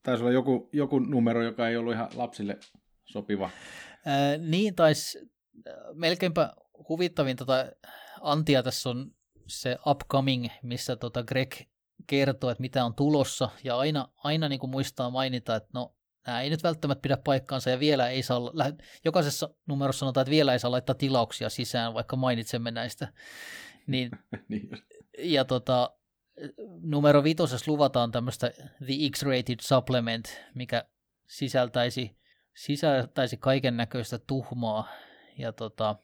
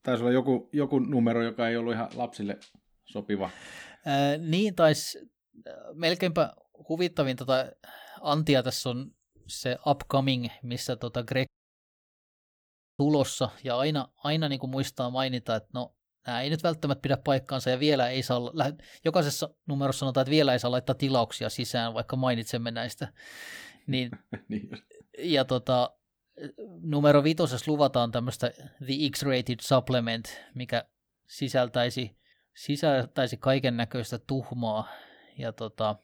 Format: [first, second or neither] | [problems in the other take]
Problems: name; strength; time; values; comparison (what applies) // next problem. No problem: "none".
first | audio cutting out; at 11 s for 1.5 s